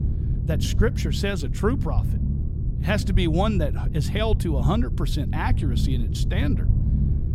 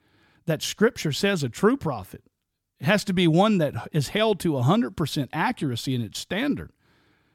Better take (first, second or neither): second